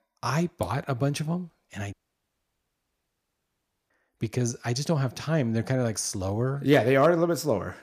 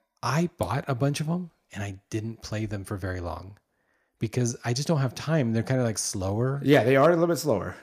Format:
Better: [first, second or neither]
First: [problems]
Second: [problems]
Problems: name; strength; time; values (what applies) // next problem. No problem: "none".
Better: second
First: audio cutting out; at 2 s for 2 s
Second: none